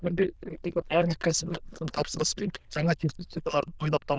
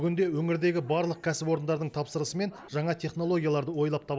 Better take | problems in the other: second | noise reduction (neural diffusion model UNIVERSE++)

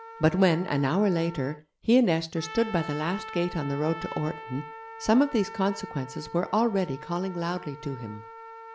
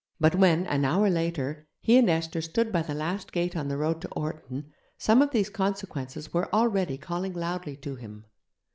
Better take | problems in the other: second | background sound (Trumpet); 15 dB below the speech

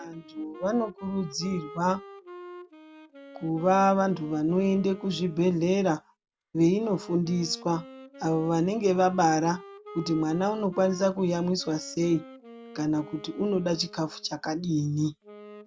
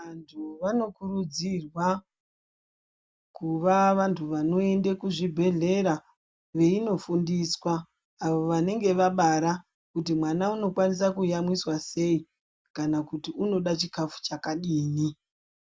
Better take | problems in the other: second | background sound (Wind instrument, woodwind instrument); 19 dB below the speech

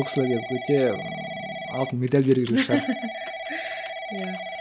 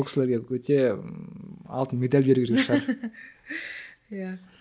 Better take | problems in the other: second | background sound (Telephone / Typing); 9 dB below the speech

